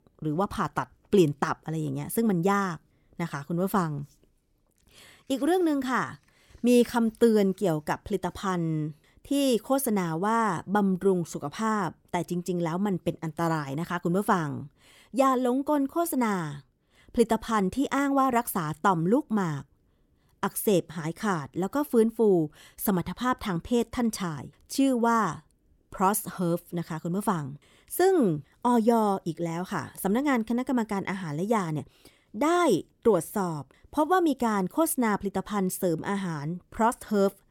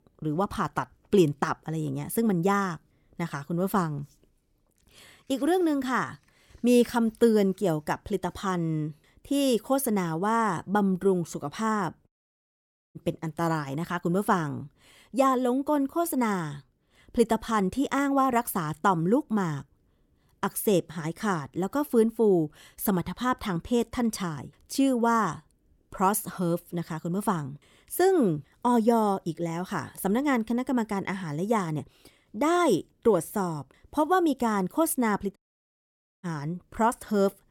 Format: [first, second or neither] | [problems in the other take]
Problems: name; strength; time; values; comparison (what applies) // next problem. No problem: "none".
first | audio cutting out; at 12 s for 1 s and at 35 s for 1 s